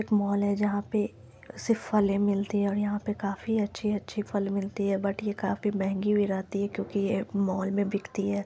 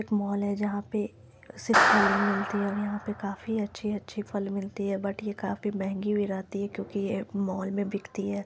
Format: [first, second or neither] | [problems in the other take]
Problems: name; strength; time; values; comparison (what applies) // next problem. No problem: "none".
first | background sound (Clapping); 1 dB above the speech